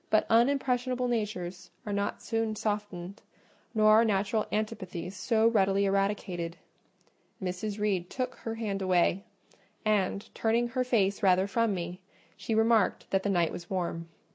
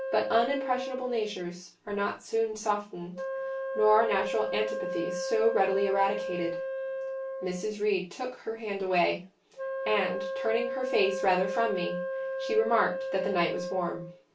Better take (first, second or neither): first